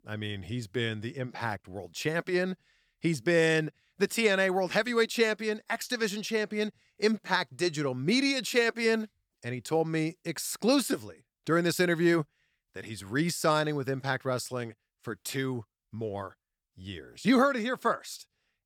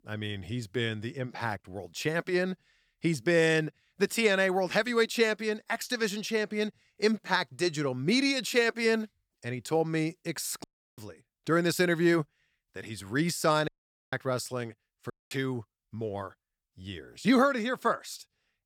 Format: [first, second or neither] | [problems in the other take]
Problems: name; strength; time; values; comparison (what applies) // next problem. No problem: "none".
first | audio cutting out; at 11 s, at 14 s and at 15 s